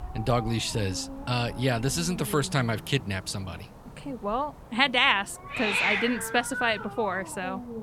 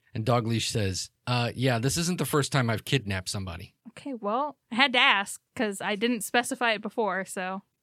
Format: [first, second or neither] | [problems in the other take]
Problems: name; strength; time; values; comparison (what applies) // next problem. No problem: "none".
second | hiss; loud; throughout; 6 dB below the speech